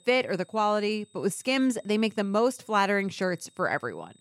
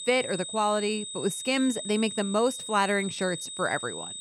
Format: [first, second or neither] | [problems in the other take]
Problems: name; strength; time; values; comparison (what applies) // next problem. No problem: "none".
first | high-pitched whine; loud; throughout; 3.5 kHz, 7 dB below the speech; faint in the first